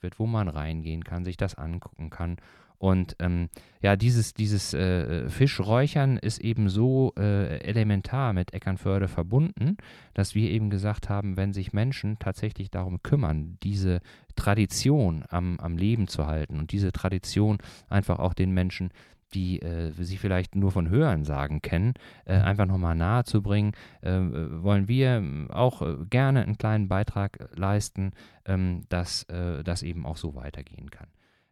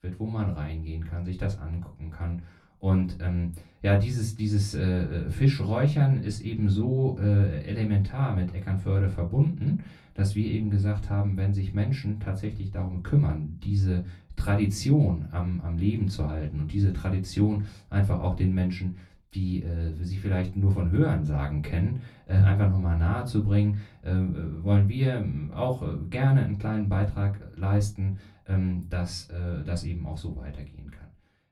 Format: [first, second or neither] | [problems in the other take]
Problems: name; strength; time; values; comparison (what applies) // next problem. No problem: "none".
first | off-mic speech; far // room echo; very slight; dies away in 0.2 s